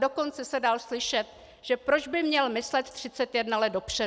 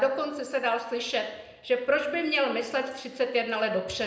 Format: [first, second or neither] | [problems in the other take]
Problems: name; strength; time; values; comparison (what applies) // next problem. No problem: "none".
first | room echo; dies away in 0.8 s